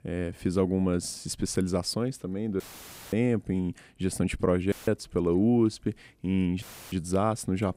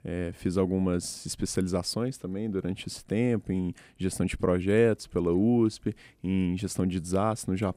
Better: second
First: audio cutting out; filled with static; at 2.5 s for 0.5 s, at 4.5 s and at 6.5 s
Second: none

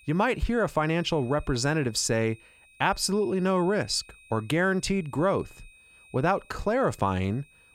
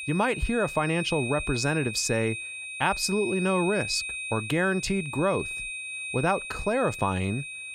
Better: first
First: high-pitched whine; faint; throughout; 2.5 kHz, 25 dB below the speech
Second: high-pitched whine; loud; throughout; 2.5 kHz, 6 dB below the speech

